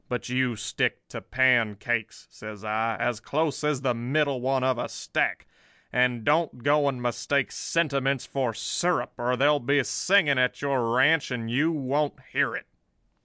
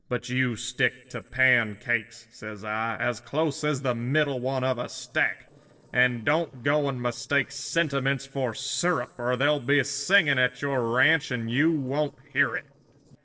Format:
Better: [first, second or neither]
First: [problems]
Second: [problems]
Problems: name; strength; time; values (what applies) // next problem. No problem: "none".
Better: first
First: none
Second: noise reduction (neural separator model SepFormer DNS4)